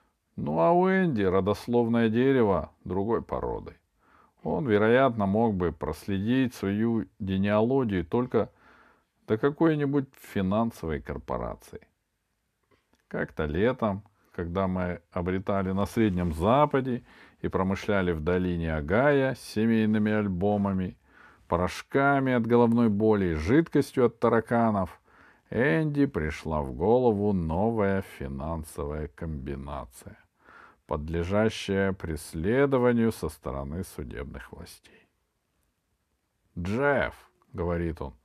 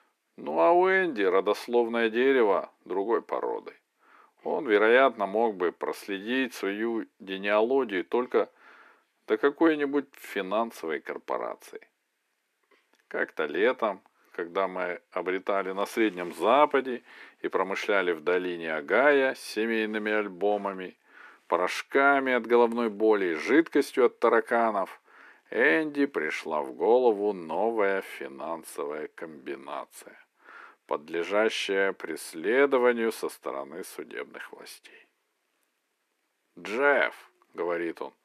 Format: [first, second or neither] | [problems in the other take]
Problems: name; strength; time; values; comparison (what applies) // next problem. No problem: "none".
first | thin; somewhat; fading below 300 Hz